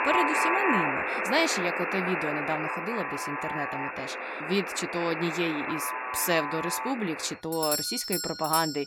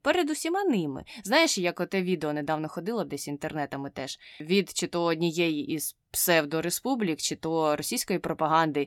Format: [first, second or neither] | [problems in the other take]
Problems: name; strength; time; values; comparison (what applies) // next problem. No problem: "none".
second | alarms or sirens; very loud; throughout; 1 dB above the speech